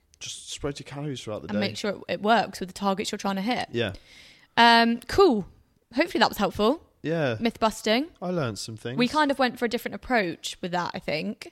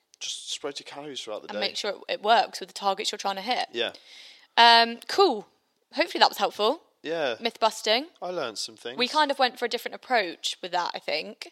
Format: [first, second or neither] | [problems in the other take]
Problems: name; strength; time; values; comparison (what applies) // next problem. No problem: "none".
first | thin; somewhat; fading below 450 Hz